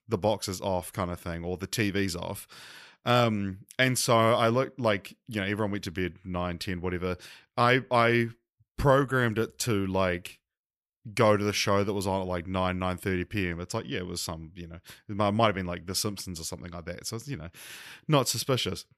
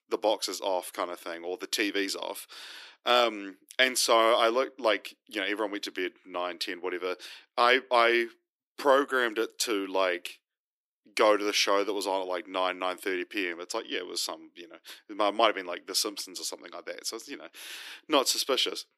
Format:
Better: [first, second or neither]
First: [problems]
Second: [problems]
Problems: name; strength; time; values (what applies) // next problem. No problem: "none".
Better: first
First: none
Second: thin; somewhat; fading below 300 Hz